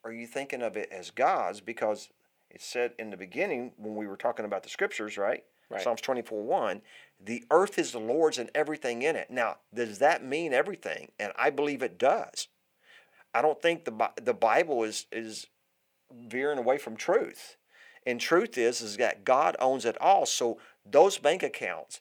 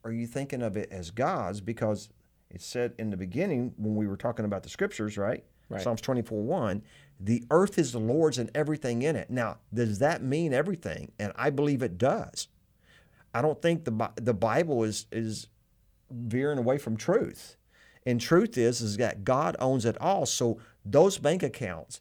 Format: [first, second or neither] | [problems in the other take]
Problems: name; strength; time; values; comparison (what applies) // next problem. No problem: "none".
second | thin; somewhat; fading below 400 Hz